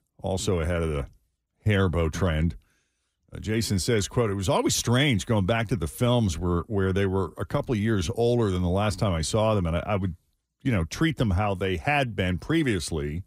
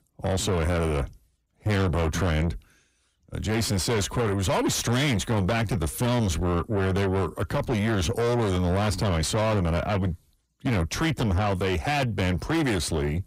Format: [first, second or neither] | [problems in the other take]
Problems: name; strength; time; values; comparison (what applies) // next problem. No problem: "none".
first | distortion; heavy; 7 dB below the speech